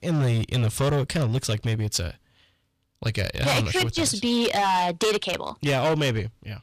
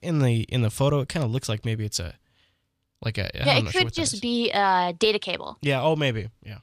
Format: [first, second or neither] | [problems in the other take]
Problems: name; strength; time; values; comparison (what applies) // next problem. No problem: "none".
second | distortion; heavy; 15% of the sound clipped